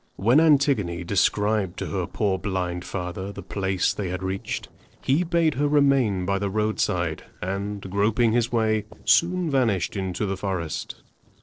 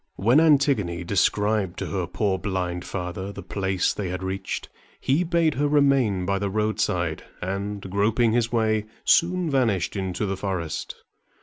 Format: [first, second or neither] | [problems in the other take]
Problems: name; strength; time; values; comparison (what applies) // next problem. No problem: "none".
second | noise reduction (neural separator model SepFormer DNS4)